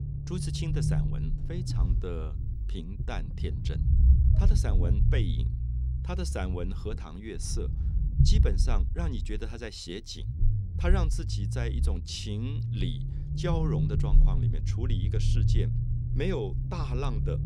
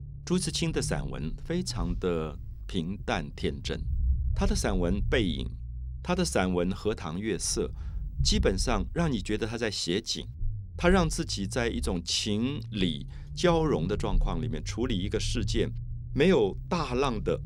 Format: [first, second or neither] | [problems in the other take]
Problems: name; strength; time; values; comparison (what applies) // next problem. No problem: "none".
second | low rumble; loud; throughout; 4 dB below the speech; faint in the second